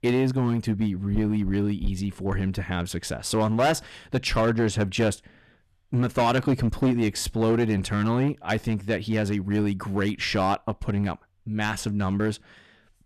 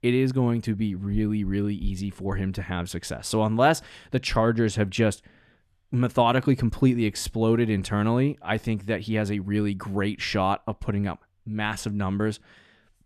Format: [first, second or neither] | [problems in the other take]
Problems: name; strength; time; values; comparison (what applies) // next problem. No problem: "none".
second | distortion; slight; 7% of the sound clipped